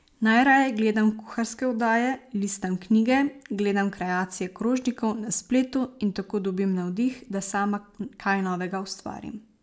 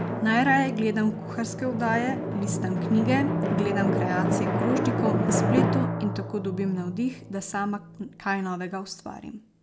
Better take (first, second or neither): first